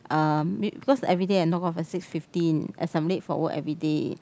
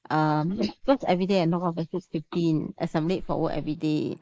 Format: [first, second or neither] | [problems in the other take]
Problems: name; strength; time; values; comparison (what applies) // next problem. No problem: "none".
first | noise reduction (neural mask model Resemble Enhance denoiser)